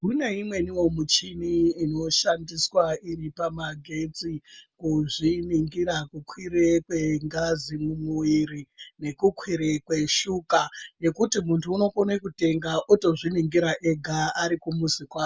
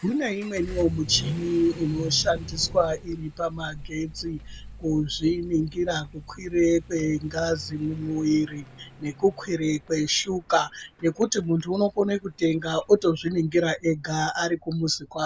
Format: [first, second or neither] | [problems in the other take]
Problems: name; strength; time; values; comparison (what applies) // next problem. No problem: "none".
first | background sound (Accelerating, revving, vroom / Vehicle); 15 dB below the speech